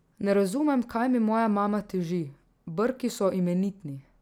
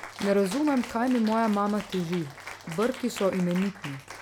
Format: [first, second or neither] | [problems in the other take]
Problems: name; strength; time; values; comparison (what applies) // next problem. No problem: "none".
first | background sound (Cheering); 14 dB below the speech